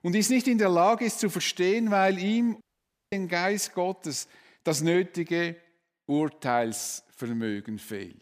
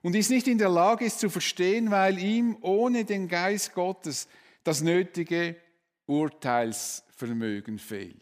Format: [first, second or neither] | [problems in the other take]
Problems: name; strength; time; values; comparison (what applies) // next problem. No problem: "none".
second | audio cutting out; at 2.5 s for 0.5 s